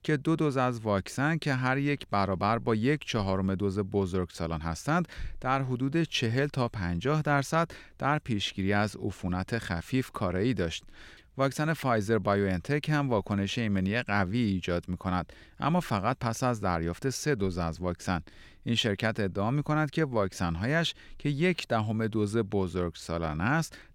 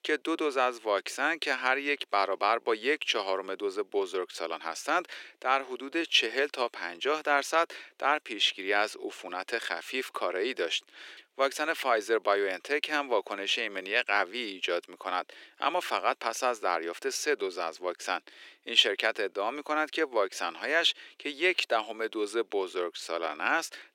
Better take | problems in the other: first | thin; very; fading below 350 Hz

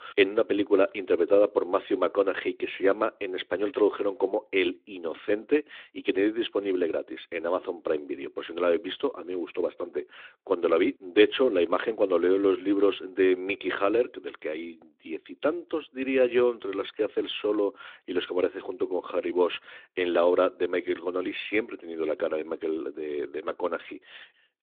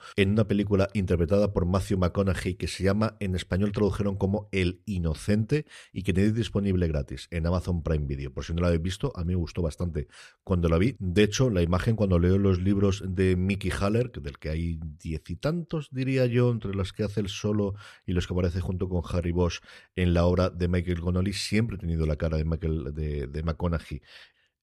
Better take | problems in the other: second | phone-call audio

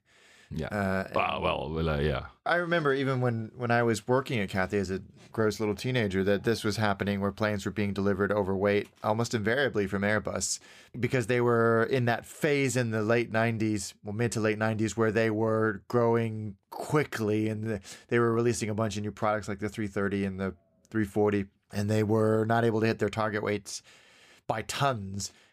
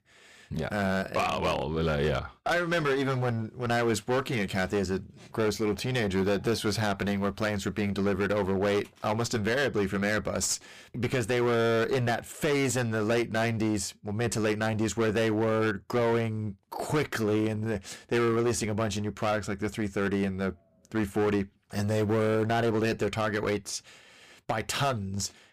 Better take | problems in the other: first | distortion; heavy; 16% of the sound clipped

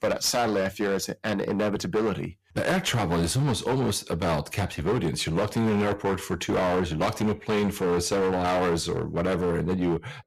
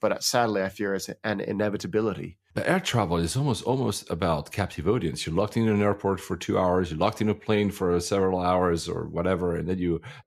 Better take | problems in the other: second | distortion; heavy; 18% of the sound clipped

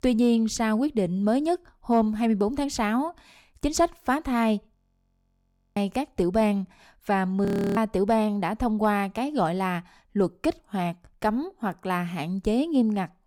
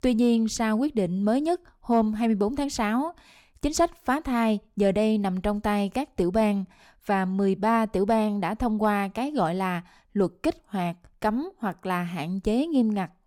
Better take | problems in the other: second | audio freezing; at 5 s for 1 s and at 7.5 s

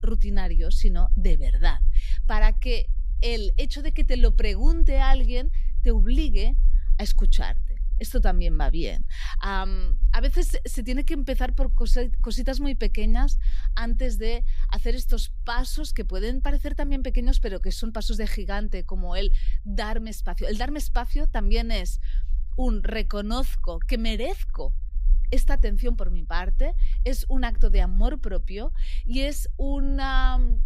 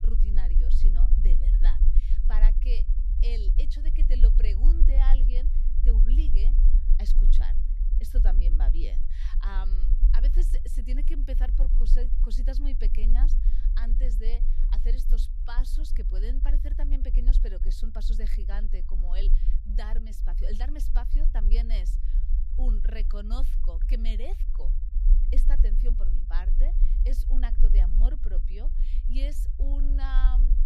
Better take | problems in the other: first | low rumble; loud; throughout; 7 dB below the speech; faint in the first

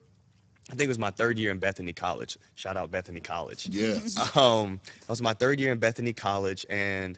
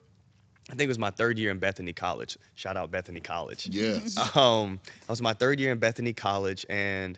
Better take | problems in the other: second | garbled, watery; badly; nothing above 7.5 kHz; slightly in the second

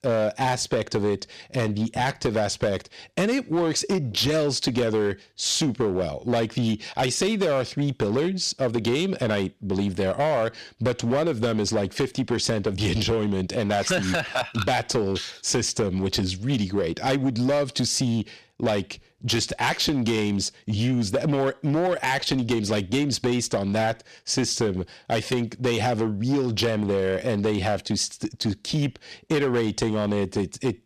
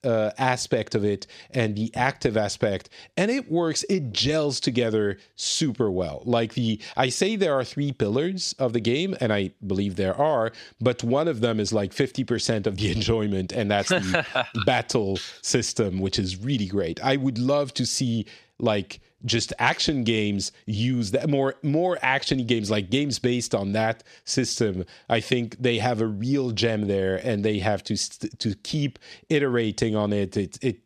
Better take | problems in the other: second | distortion; slight; 10% of the sound clipped

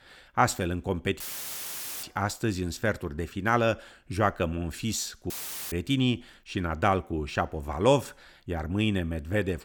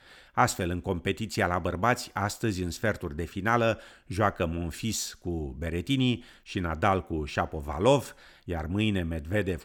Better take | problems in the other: second | audio cutting out; filled with static; at 1 s for 1 s and at 5.5 s

